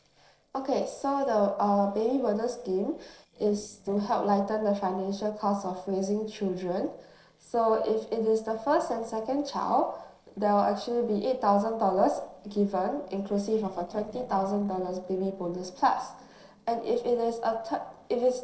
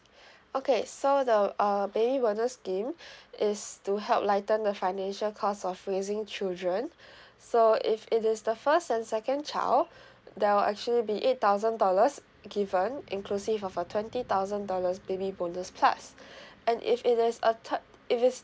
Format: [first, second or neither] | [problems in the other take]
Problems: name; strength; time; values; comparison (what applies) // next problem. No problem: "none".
second | noise reduction (neural separator model SepFormer DNS4)